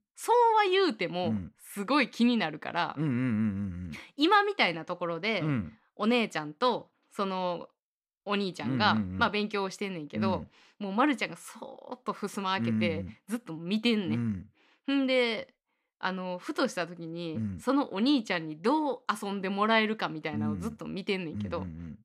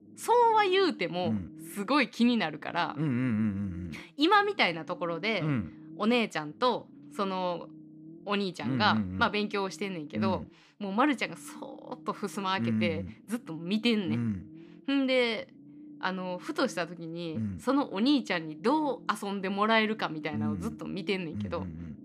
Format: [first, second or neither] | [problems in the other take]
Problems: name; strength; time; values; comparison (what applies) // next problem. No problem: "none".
first | low rumble; faint; throughout; 25 dB below the speech